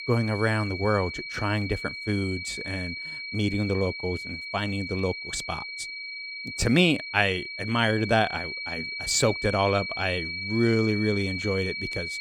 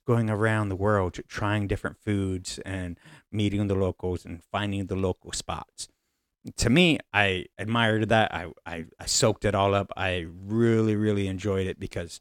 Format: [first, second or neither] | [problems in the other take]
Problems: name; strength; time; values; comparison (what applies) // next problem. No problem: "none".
second | high-pitched whine; loud; throughout; 2.5 kHz, 6 dB below the speech